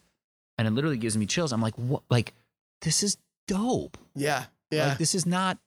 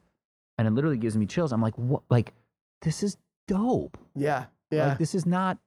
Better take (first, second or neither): first